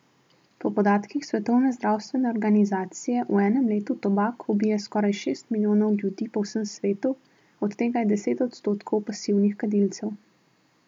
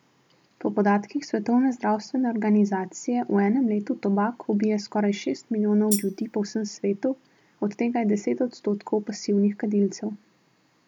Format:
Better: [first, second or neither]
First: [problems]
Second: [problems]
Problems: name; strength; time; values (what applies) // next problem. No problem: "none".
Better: first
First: none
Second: background sound (Tambourine); 9 dB below the speech